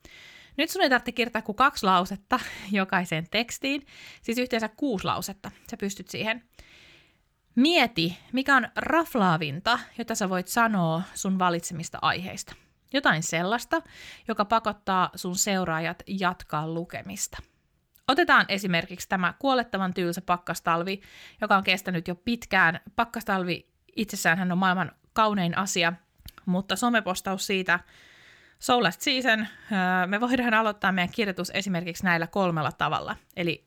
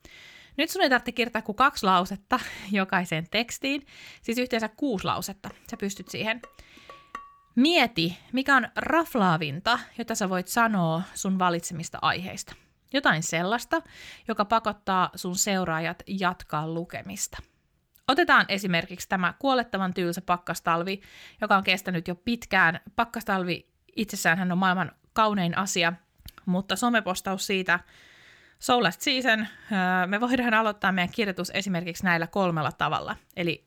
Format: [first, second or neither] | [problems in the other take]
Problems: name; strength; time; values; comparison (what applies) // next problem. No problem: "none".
first | clattering dishes; faint; from 5.5 to 7.5 s; peak 15 dB below the speech